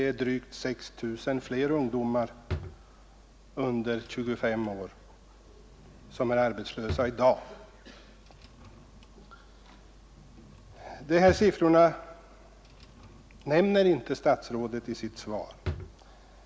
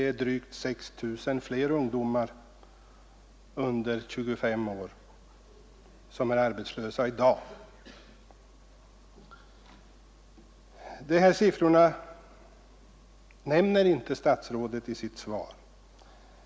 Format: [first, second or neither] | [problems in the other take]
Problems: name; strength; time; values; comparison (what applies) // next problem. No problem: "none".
second | background sound (Drawer open or close); 16 dB below the speech